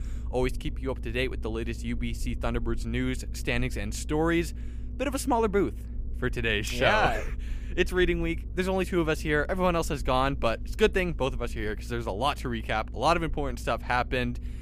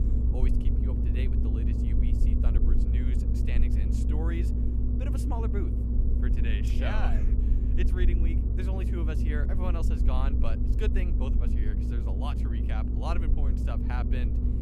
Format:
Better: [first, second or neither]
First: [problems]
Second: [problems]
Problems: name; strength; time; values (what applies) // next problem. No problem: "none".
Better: first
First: low rumble; faint; throughout; 25 dB below the speech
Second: low rumble; loud; throughout; 1 dB below the speech